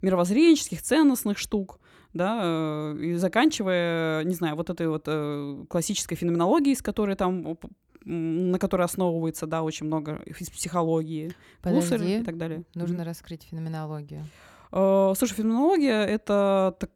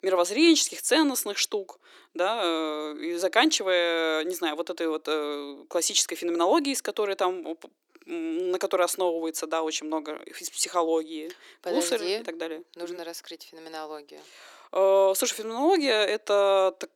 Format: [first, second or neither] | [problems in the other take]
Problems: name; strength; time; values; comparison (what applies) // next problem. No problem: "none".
first | thin; somewhat; fading below 300 Hz